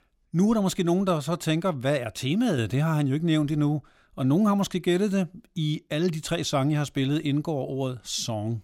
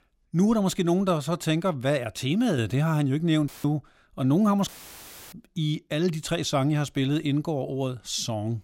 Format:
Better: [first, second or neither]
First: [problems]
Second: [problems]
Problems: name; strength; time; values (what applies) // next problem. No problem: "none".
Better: first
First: none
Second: audio cutting out; filled with static; at 3.5 s and at 4.5 s for 0.5 s